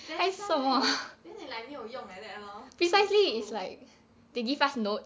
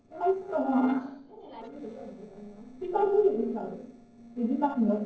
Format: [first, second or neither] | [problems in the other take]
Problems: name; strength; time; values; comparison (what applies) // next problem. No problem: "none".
first | noise reduction (neural separator model SepFormer DNS4)